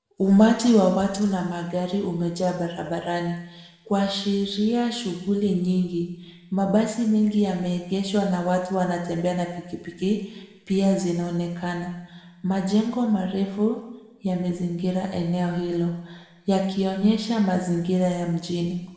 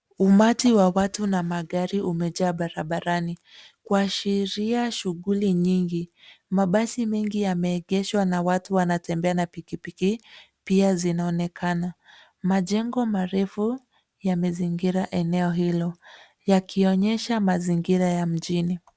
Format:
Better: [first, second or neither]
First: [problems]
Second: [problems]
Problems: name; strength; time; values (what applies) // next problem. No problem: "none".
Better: second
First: room echo; dies away in 1 s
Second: none